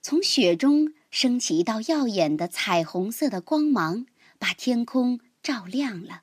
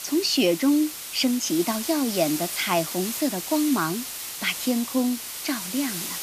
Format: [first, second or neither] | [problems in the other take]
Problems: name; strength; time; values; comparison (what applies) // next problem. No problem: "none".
first | hiss; loud; throughout; 6 dB below the speech